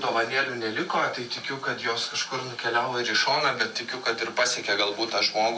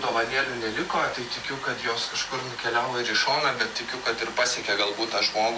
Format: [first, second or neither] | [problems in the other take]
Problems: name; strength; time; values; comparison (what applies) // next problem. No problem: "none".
first | background sound (Domestic sounds, home sounds); 13 dB below the speech